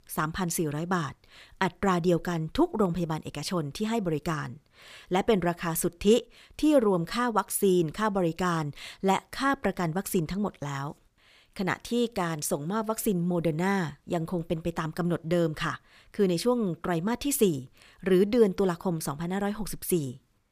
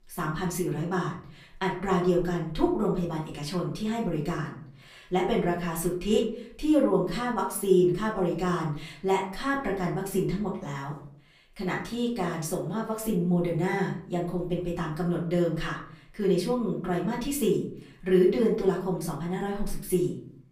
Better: first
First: none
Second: room echo; slight; dies away in 0.5 s // off-mic speech; far

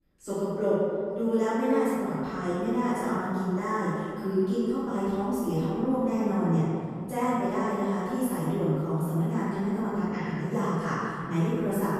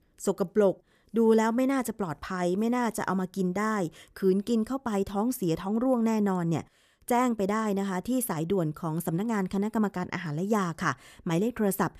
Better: second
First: room echo; strong; dies away in 2.4 s // off-mic speech; far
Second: none

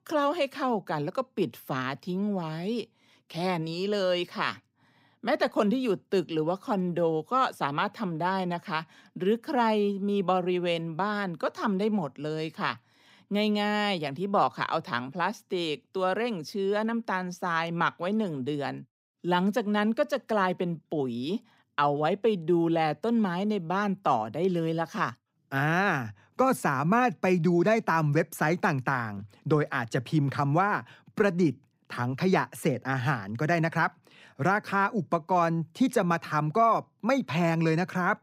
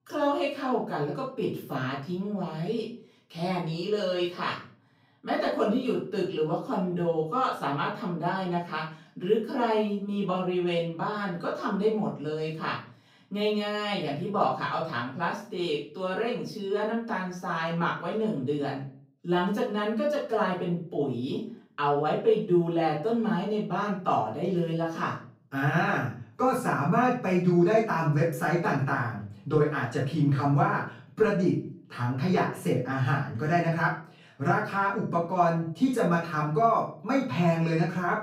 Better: first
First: none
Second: off-mic speech; far // room echo; noticeable; dies away in 0.4 s

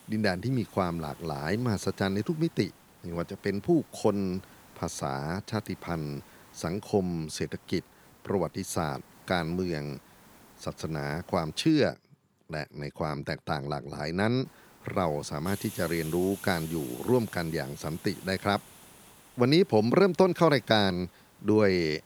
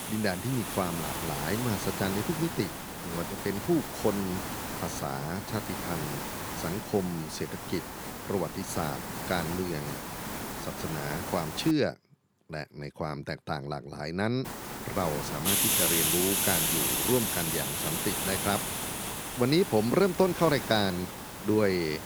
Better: first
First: hiss; faint; until 12 s and from 14 s on; 20 dB below the speech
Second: hiss; loud; until 12 s and from 14 s on; as loud as the speech

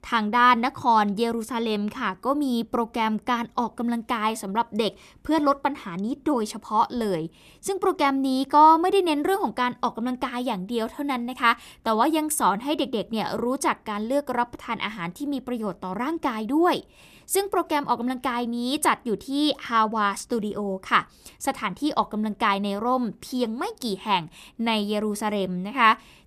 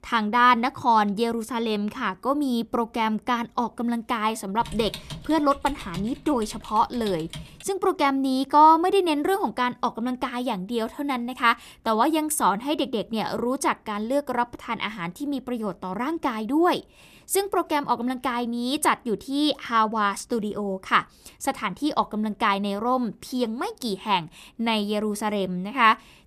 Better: first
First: none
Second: keyboard typing; faint; from 4.5 to 7.5 s; peak 10 dB below the speech

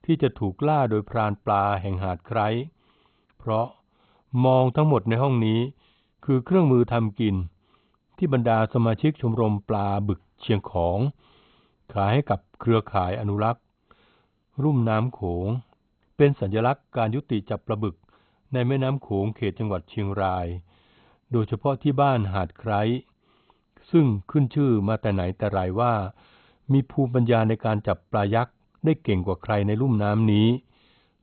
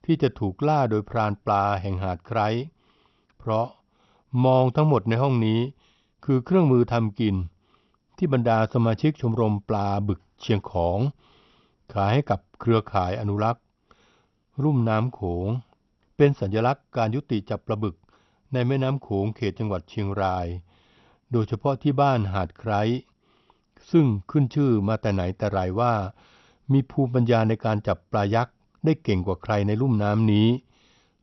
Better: second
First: garbled, watery; badly; nothing above 3.5 kHz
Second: garbled, watery; slightly; nothing above 6 kHz

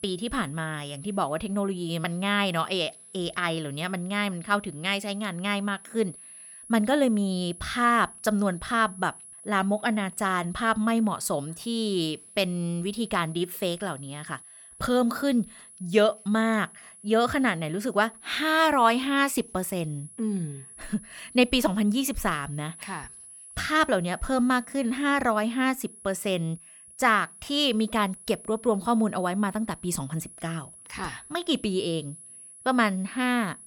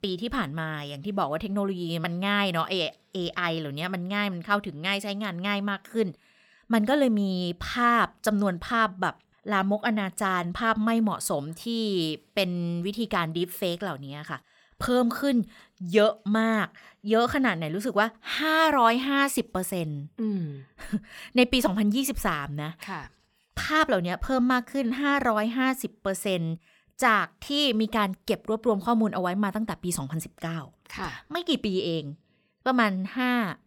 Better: second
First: high-pitched whine; noticeable; throughout; 10.5 kHz, 20 dB below the speech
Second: none

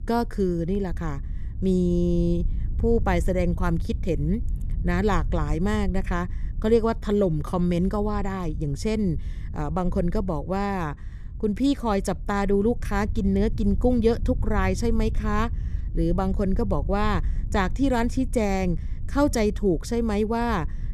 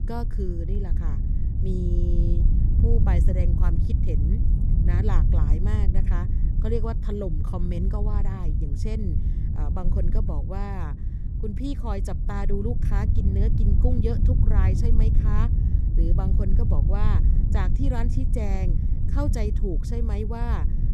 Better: first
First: wind noise on the microphone; occasional gusts; 20 dB below the speech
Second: wind noise on the microphone; heavy; 4 dB below the speech

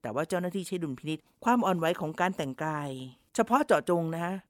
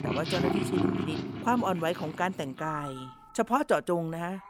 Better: first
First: none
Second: animal sounds; loud; throughout; 2 dB below the speech

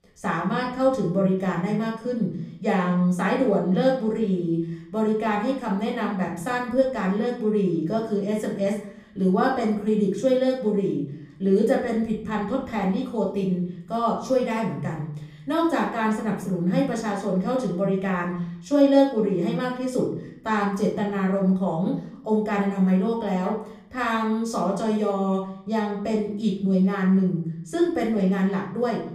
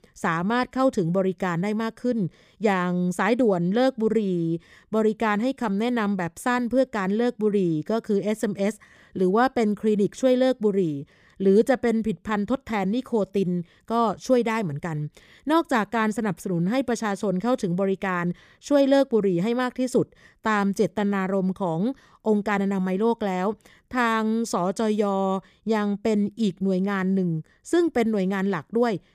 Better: second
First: off-mic speech; far // room echo; slight; dies away in 0.6 s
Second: none

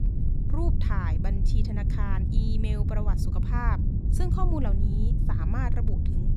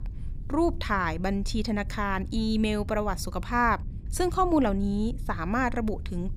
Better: second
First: low rumble; loud; throughout; 4 dB below the speech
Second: low rumble; faint; throughout; 25 dB below the speech

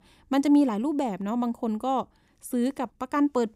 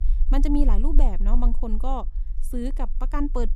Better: first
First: none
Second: low rumble; faint; throughout; 20 dB below the speech

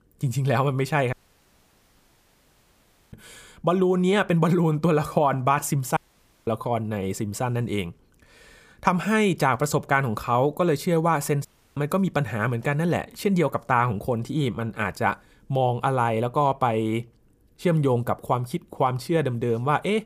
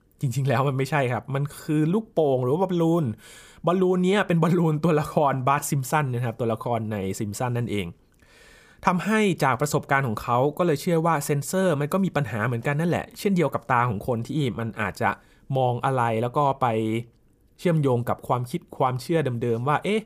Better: second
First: audio cutting out; at 1 s for 2 s, at 6 s for 0.5 s and at 11 s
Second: none

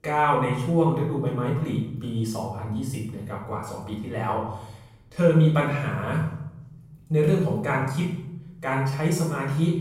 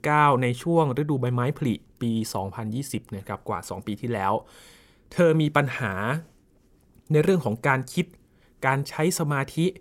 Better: second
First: off-mic speech; far // room echo; noticeable; dies away in 0.9 s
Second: none

